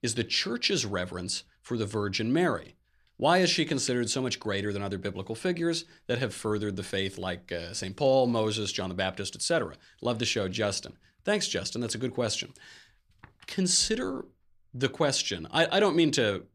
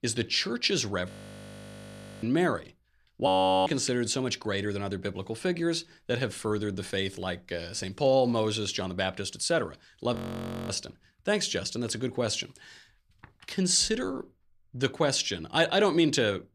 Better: first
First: none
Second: audio freezing; at 1 s for 1 s, at 3.5 s and at 10 s for 0.5 s

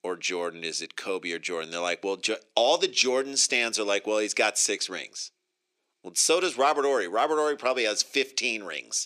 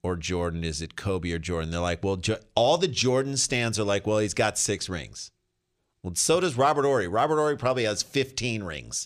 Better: second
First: thin; somewhat; fading below 300 Hz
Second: none

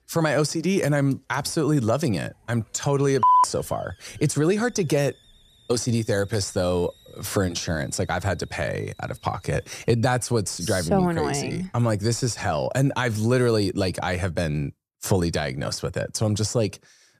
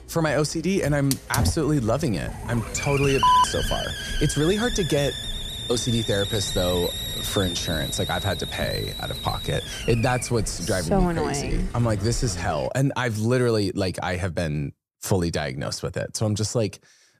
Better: first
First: hiss; faint; until 13 s; 30 dB below the speech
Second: hiss; loud; until 13 s; 5 dB below the speech

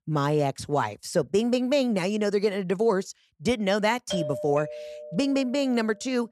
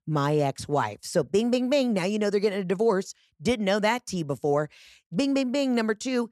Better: second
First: doorbell; noticeable; from 4 to 5.5 s; peak 6 dB below the speech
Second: none

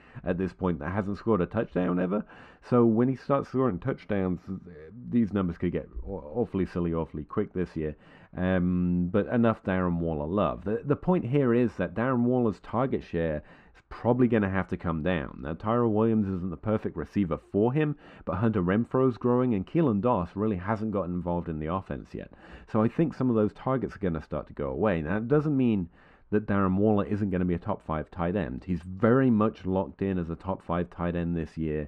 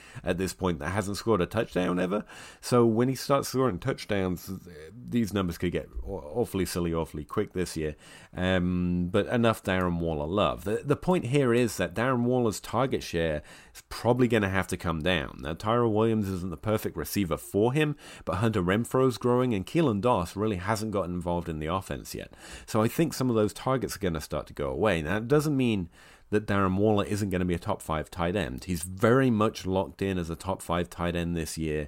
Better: second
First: muffled; very; fading above 2 kHz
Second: none

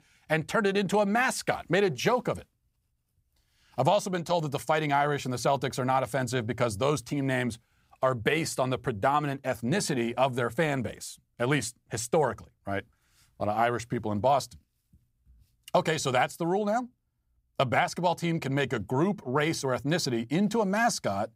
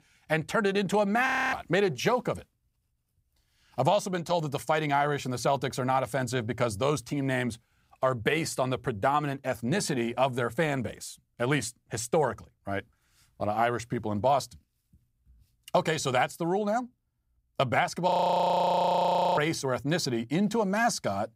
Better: first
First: none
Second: audio freezing; at 1.5 s and at 18 s for 1.5 s

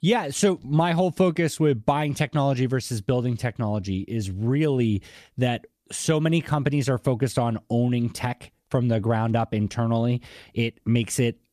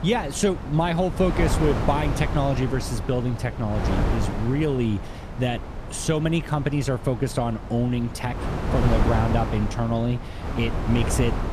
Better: first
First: none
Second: wind noise on the microphone; heavy; 5 dB below the speech

